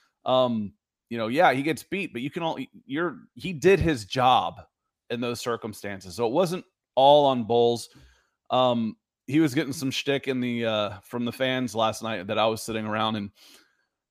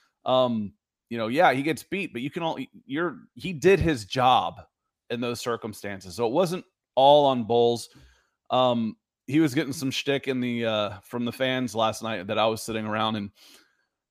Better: neither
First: none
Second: none

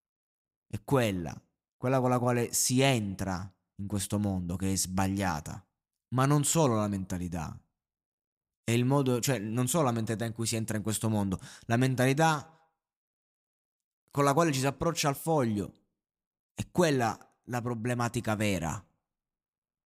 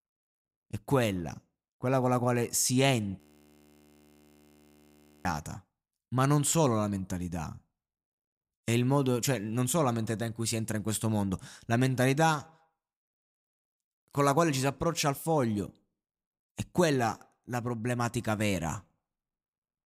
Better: first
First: none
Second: audio freezing; at 3 s for 2 s

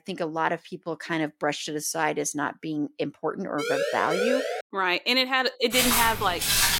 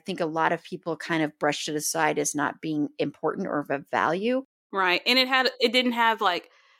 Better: second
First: siren; loud; from 3.5 to 4.5 s; peak level with the speech // footsteps; loud; from 5.5 s on; peak 6 dB above the speech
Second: none

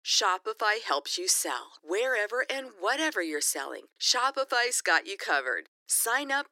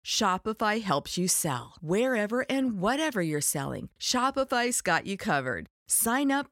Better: second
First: thin; very; fading below 300 Hz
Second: none

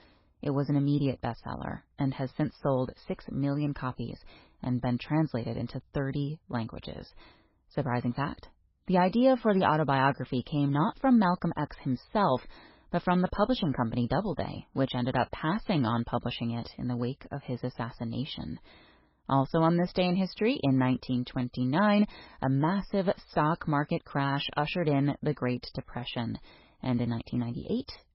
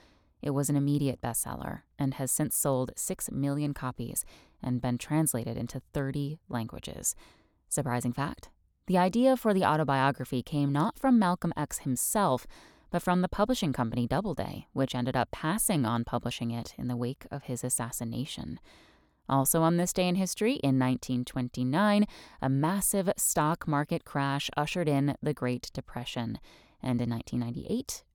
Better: second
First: garbled, watery; badly; nothing above 5.5 kHz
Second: none

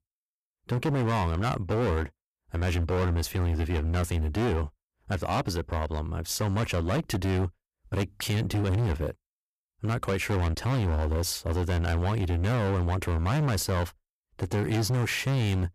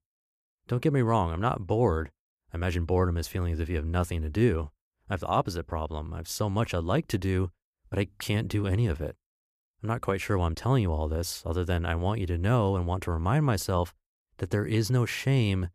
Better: second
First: distortion; heavy; 23% of the sound clipped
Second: none

